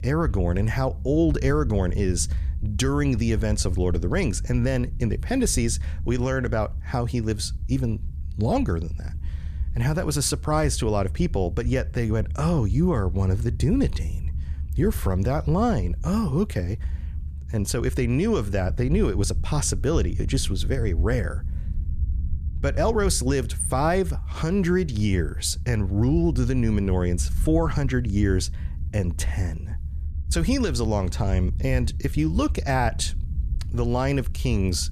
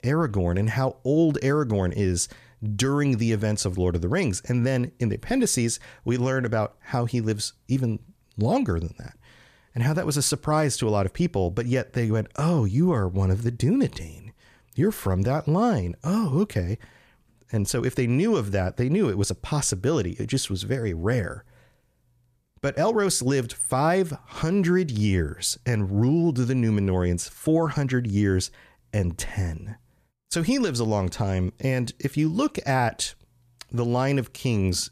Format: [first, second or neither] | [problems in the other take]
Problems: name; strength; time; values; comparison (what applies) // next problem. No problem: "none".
second | low rumble; faint; throughout; 20 dB below the speech